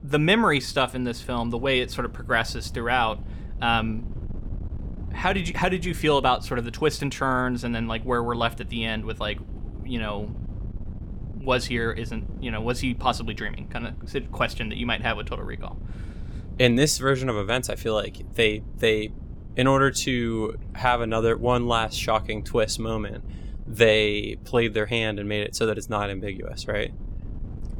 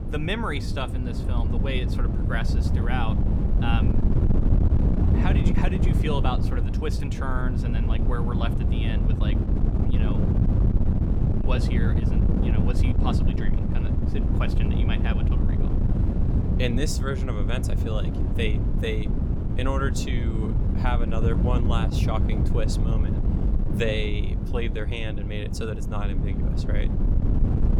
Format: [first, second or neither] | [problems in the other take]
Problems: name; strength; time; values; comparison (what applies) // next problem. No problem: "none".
first | wind noise on the microphone; heavy; 3 dB below the speech; occasional gusts in the first